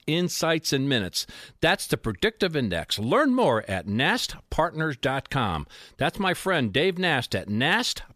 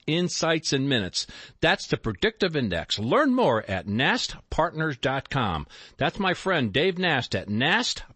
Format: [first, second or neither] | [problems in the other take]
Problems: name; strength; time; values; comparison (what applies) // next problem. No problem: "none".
first | garbled, watery; slightly; nothing above 8 kHz